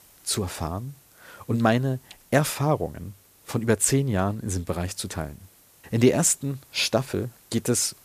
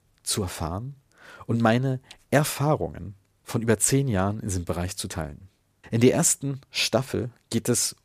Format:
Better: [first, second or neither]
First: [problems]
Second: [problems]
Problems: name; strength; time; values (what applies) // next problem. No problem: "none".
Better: second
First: hiss; faint; throughout; 30 dB below the speech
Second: none